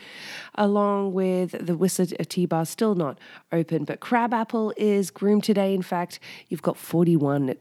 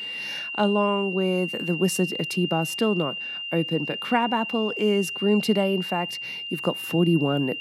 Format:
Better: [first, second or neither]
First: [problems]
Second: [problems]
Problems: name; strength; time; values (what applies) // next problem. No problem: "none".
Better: first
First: none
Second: high-pitched whine; loud; throughout; 3 kHz, 5 dB below the speech